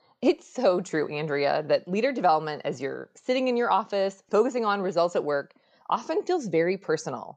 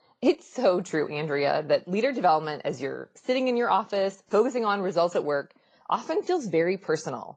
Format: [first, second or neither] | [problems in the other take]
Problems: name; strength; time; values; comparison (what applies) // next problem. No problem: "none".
first | garbled, watery; slightly; nothing above 7.5 kHz